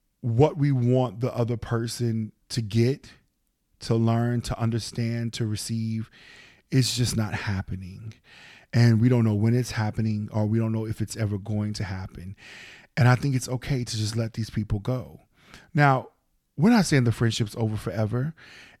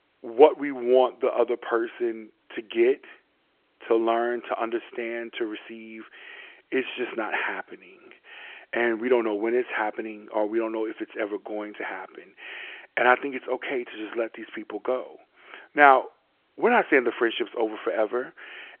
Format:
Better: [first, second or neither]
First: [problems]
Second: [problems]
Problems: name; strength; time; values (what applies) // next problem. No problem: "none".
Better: first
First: none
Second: phone-call audio